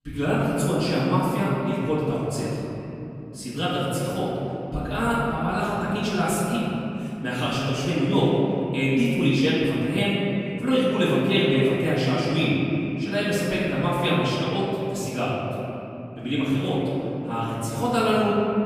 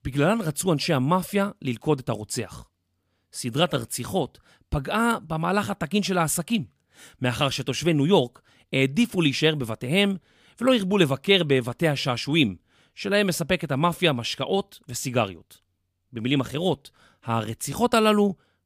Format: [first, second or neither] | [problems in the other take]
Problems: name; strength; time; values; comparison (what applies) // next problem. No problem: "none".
second | off-mic speech; far // room echo; strong; dies away in 3 s